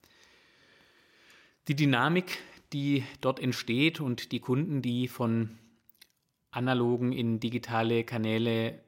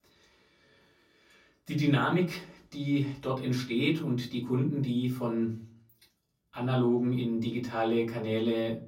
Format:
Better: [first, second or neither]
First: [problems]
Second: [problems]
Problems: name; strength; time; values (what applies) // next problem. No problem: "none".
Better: first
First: none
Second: off-mic speech; far // room echo; very slight; dies away in 0.4 s